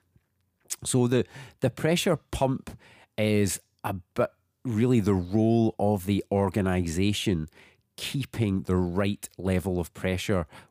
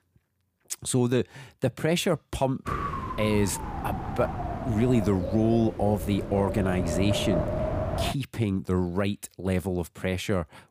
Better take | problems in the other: first | wind noise on the microphone; heavy; from 2.5 to 8 s; 3 dB below the speech

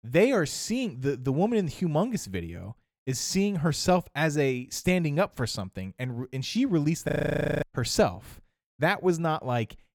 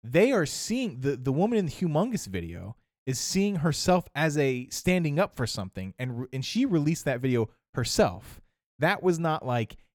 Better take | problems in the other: second | audio freezing; at 7 s for 0.5 s

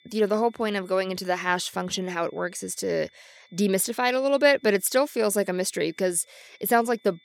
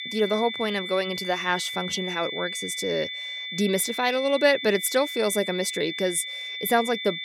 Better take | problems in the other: first | high-pitched whine; loud; throughout; 3.5 kHz, 6 dB below the speech; faint in the first

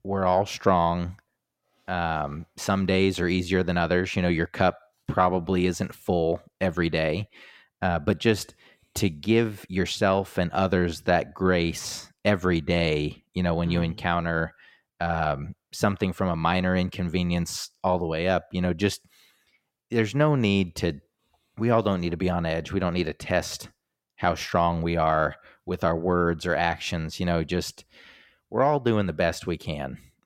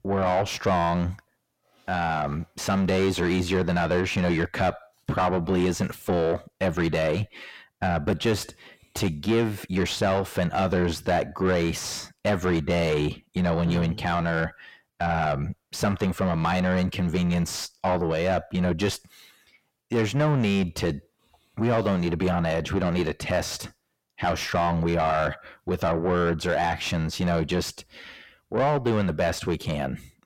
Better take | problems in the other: first | distortion; heavy; 7 dB below the speech

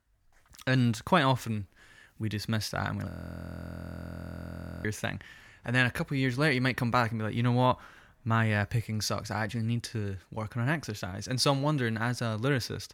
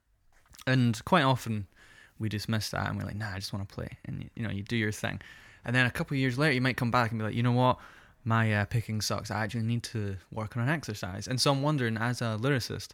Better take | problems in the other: second | audio freezing; at 3 s for 2 s

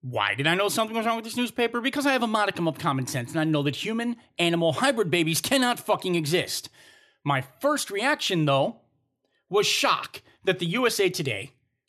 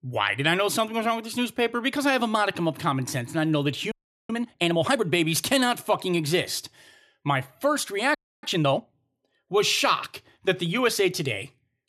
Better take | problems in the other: first | audio freezing; at 4 s and at 8 s

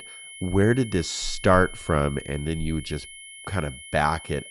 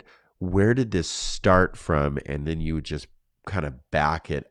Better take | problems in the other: second | high-pitched whine; noticeable; throughout; 2 kHz, 15 dB below the speech

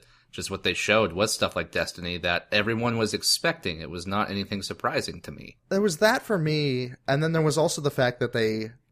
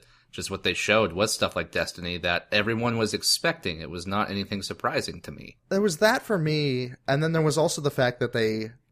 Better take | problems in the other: neither | none

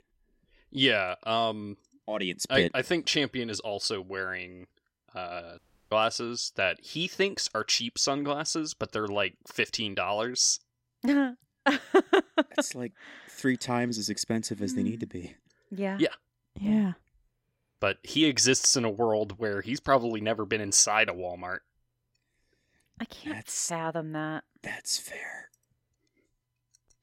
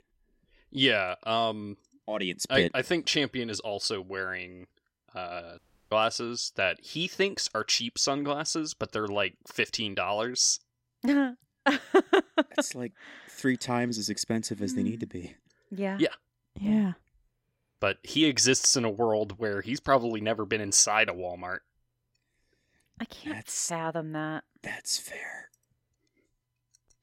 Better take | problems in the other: neither | audio cutting out; at 5.5 s; the same in both

